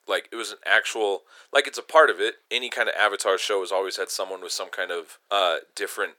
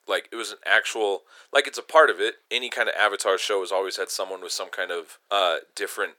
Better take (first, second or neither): neither